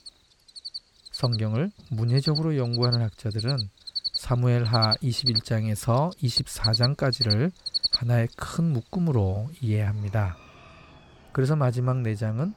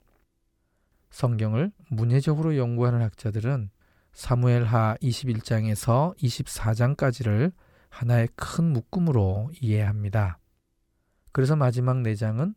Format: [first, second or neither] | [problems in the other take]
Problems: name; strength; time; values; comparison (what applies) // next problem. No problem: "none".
second | animal sounds; loud; throughout; 2 dB below the speech